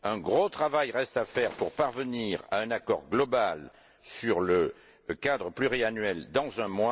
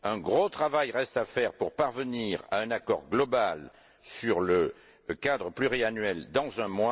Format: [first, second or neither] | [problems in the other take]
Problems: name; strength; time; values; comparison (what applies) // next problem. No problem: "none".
second | background sound (Gunshot, gunfire); 17 dB below the speech